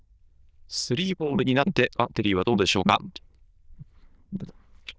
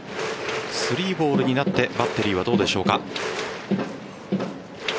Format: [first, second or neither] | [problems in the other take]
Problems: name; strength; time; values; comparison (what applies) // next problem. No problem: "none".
second | noise reduction (neural diffusion model UNIVERSE++)